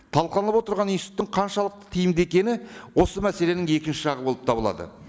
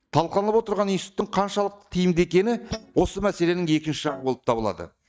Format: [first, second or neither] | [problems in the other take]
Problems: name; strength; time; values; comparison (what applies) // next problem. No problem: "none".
first | noise reduction (neural mask model DeepFilterNet 3)